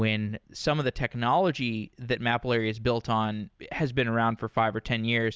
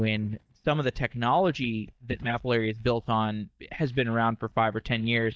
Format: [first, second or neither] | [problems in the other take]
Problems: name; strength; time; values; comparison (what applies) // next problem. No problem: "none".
first | noise reduction (neural mask model DeepFilterNet 3)